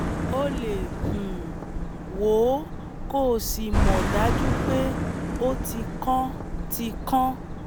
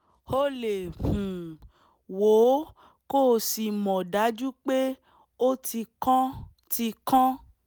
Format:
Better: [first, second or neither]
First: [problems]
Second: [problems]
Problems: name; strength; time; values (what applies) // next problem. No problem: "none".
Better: second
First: background sound (Car passing by); as loud as the speech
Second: none